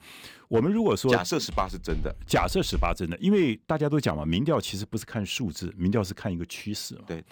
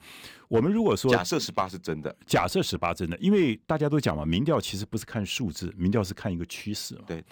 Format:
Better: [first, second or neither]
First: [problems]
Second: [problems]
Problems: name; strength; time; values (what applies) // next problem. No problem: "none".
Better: second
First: footsteps; noticeable; from 1.5 to 3 s; peak 7 dB below the speech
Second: none